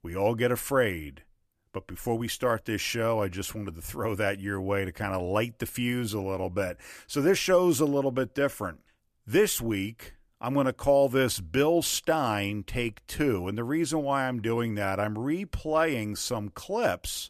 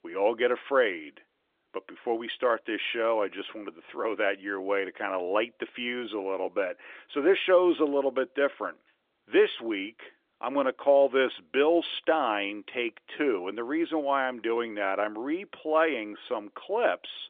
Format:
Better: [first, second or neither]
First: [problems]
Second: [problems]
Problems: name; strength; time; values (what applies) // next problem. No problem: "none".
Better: first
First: none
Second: phone-call audio; nothing above 3.5 kHz